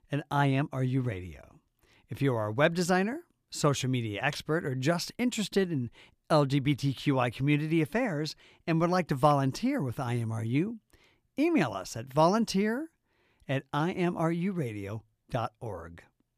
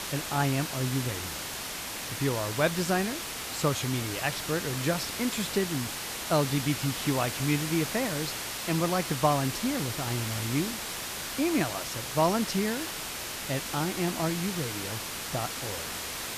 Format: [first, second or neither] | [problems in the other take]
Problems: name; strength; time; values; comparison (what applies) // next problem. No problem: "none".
first | hiss; loud; throughout; 3 dB below the speech